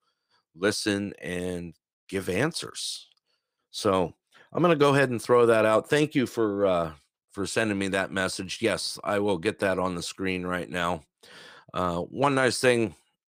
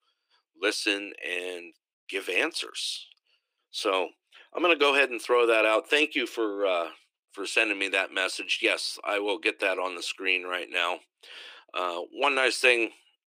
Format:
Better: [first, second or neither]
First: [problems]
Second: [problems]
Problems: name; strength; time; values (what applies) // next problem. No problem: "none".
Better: first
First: none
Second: thin; somewhat; fading below 300 Hz